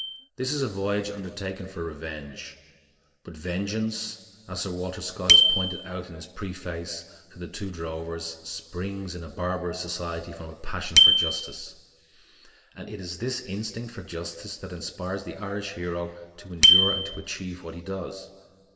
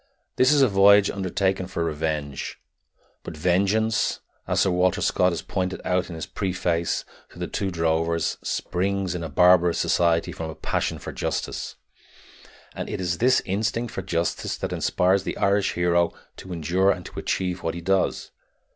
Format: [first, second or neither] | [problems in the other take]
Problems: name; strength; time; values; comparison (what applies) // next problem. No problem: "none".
second | background sound (Bicycle bell); 3 dB above the speech // room echo; dies away in 1.7 s